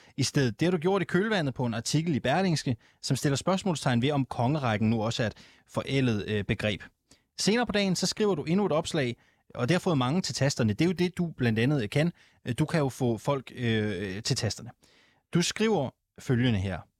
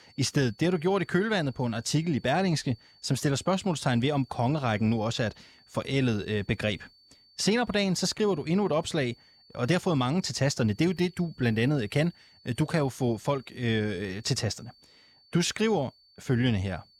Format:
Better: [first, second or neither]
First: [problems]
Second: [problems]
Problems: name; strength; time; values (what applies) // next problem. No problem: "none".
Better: first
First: none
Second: high-pitched whine; faint; throughout; 4.5 kHz, 30 dB below the speech